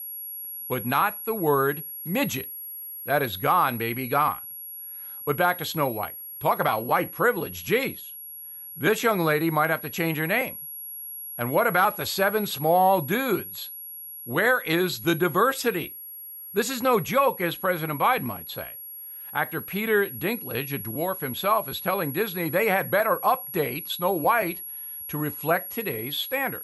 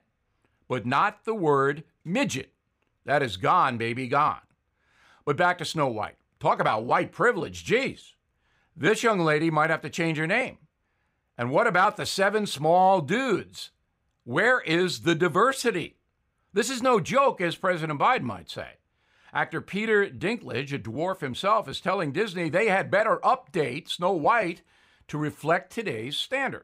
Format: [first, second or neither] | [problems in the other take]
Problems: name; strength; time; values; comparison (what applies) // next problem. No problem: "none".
second | high-pitched whine; loud; throughout; 11.5 kHz, 10 dB below the speech